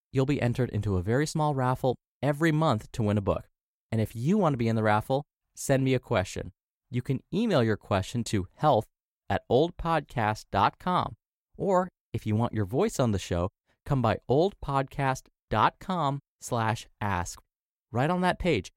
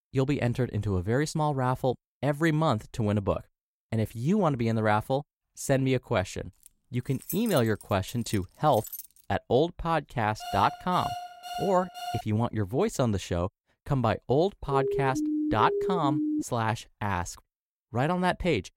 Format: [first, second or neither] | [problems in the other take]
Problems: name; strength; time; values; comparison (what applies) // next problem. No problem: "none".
first | jangling keys; noticeable; from 6.5 to 9 s; peak 8 dB below the speech // alarm; noticeable; from 10 to 12 s; peak 8 dB below the speech // siren; noticeable; from 15 to 16 s; peak level with the speech